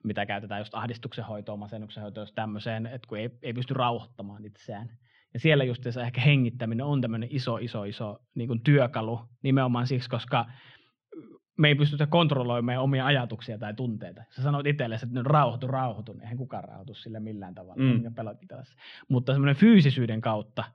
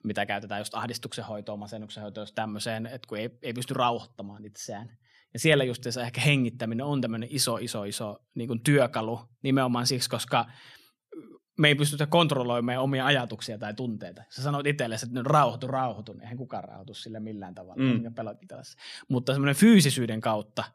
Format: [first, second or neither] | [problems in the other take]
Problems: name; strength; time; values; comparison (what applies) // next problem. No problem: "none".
second | muffled; slightly; fading above 3 kHz